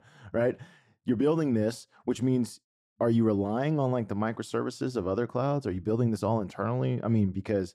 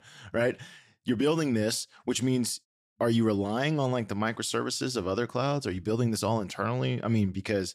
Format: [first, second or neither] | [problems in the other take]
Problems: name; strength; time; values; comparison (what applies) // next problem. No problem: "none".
second | muffled; slightly; fading above 1.5 kHz